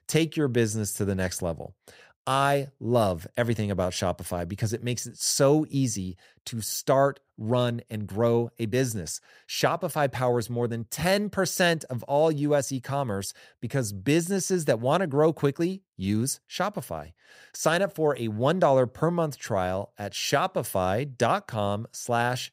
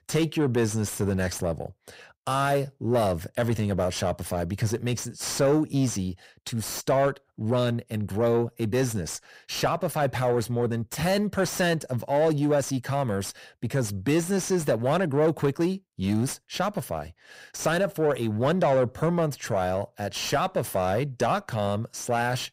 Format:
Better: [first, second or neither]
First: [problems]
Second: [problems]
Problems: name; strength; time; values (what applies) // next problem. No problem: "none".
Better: first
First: none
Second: distortion; slight; 10 dB below the speech